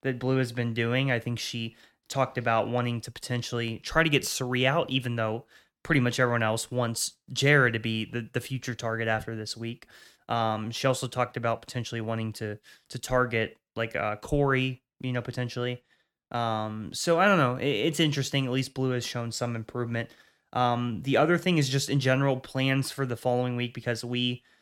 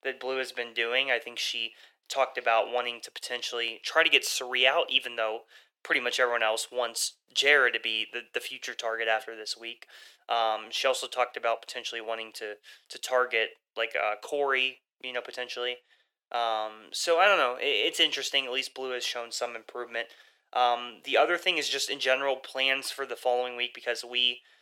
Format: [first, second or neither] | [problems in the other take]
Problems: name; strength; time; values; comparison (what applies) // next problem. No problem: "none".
first | thin; very; fading below 450 Hz